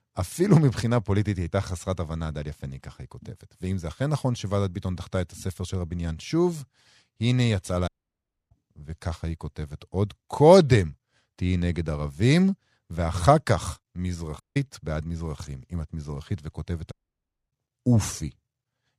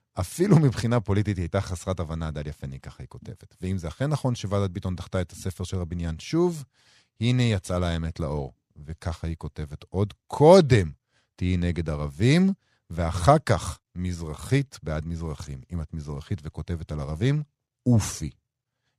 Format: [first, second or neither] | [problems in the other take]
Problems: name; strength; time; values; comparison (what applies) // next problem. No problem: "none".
second | audio cutting out; at 8 s for 0.5 s, at 14 s and at 17 s for 0.5 s